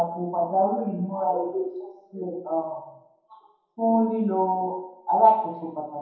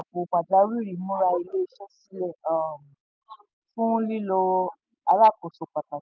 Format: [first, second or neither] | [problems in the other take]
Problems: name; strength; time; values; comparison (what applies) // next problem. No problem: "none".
second | room echo; dies away in 2 s